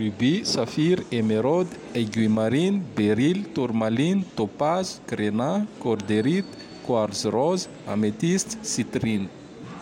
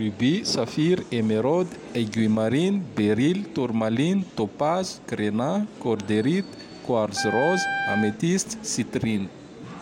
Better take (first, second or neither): first